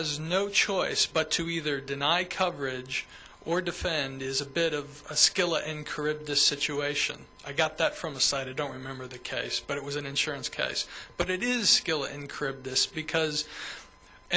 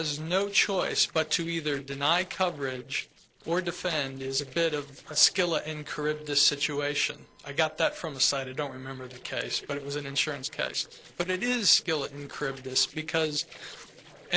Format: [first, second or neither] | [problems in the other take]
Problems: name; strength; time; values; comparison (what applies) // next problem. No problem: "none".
first | noise reduction (neural separator model SepFormer DNS4)